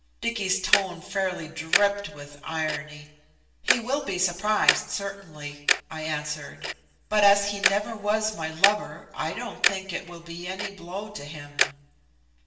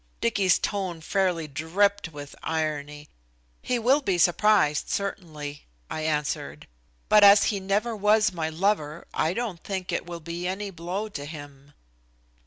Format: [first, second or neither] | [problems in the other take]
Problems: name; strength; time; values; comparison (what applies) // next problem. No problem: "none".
second | background sound (Tick-tock); 2 dB below the speech // room echo; dies away in 0.9 s